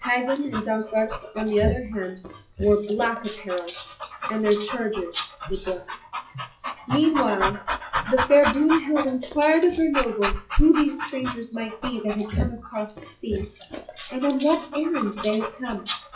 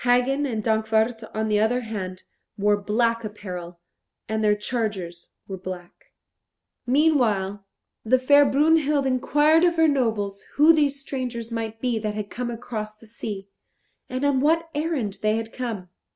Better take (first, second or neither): second